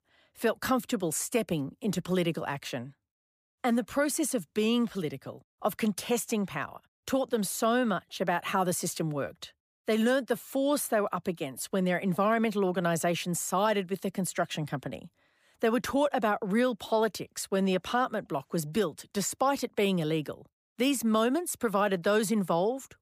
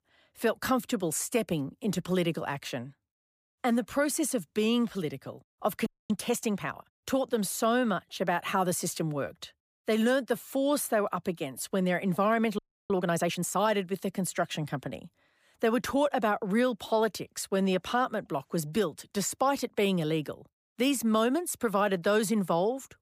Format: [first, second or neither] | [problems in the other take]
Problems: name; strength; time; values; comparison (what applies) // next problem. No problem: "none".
first | audio freezing; at 6 s and at 13 s